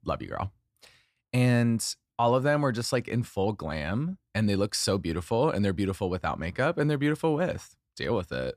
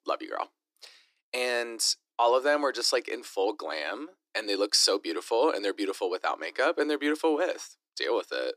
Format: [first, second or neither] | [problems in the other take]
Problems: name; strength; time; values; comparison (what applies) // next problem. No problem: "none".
first | thin; very; fading below 300 Hz